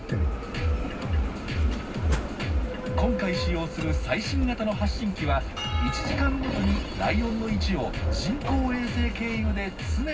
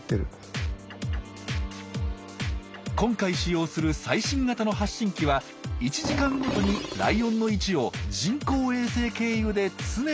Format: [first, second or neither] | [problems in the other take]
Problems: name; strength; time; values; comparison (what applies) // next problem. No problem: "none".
second | background sound (Bell); 7 dB below the speech // room echo; dies away in 0.4 s